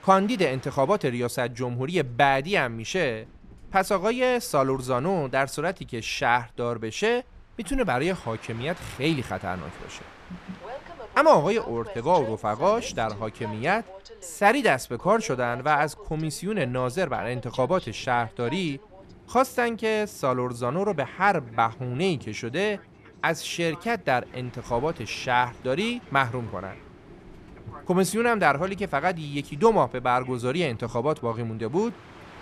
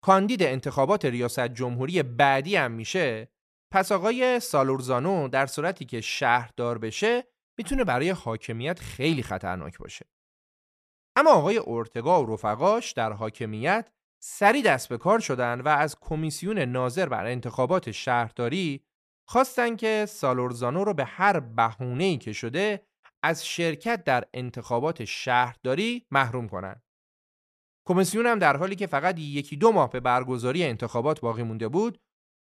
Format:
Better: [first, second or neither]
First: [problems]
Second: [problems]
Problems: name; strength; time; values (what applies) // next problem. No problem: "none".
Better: second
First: train or aircraft noise; noticeable; throughout; 20 dB below the speech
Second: none